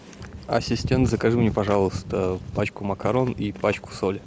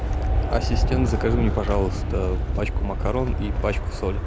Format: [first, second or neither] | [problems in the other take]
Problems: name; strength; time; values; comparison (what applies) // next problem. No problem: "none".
first | background sound (Aircraft); 3 dB above the speech